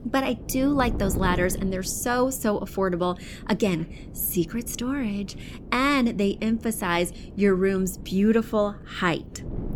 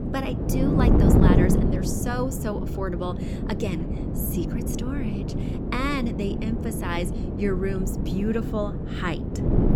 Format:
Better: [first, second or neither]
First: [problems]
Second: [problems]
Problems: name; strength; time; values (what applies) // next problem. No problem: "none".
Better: first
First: wind noise on the microphone; occasional gusts; 20 dB below the speech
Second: wind noise on the microphone; heavy; 1 dB below the speech